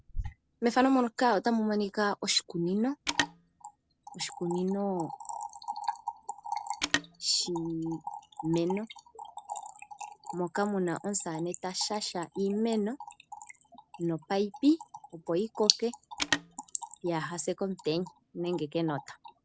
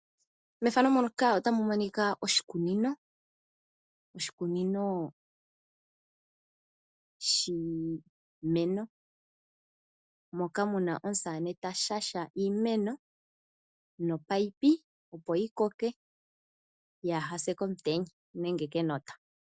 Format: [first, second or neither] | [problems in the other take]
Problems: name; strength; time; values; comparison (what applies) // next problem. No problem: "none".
second | background sound (Trickle, dribble / Splash, splatter + Telephone); 8 dB below the speech